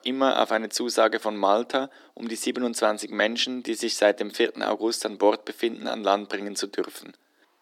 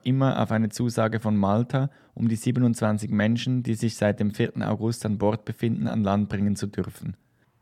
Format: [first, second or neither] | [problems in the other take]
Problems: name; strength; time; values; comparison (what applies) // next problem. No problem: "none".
second | thin; very; fading below 300 Hz